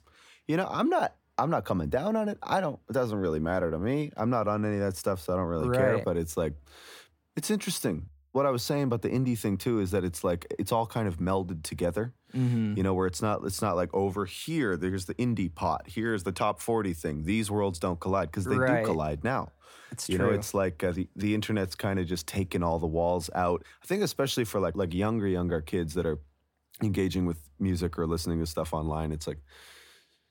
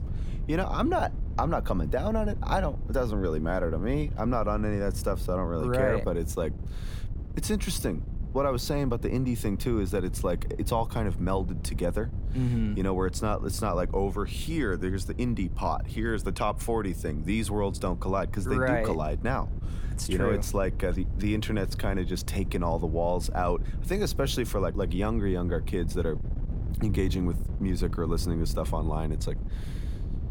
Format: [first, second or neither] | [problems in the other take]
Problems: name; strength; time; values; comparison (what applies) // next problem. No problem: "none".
first | wind noise on the microphone; occasional gusts; 20 dB below the speech